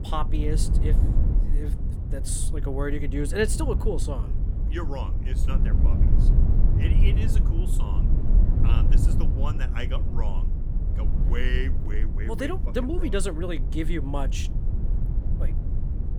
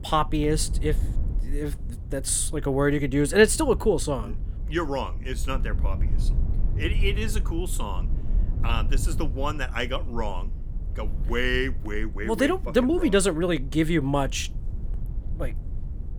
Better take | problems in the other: second | low rumble; loud; throughout; 7 dB below the speech; faint in the second

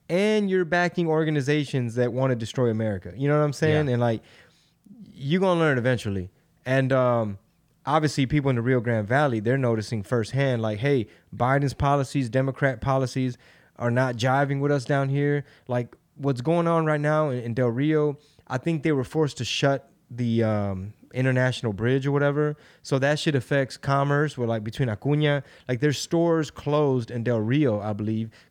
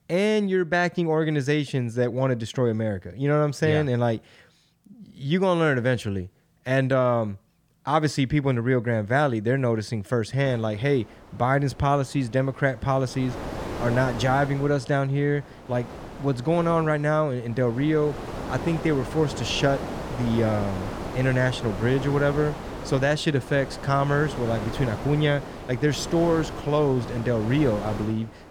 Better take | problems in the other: first | wind noise on the microphone; heavy; from 10 s on; 10 dB below the speech

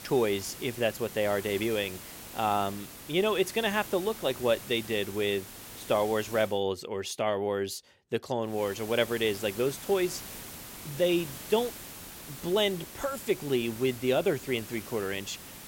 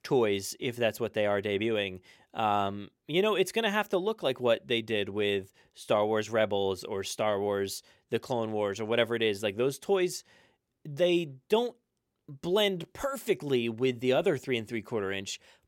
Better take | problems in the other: second | hiss; noticeable; until 6.5 s and from 8.5 s on; 10 dB below the speech

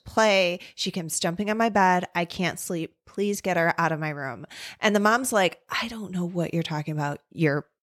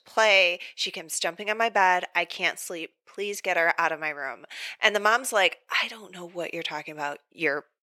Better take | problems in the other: first | thin; very; fading below 500 Hz

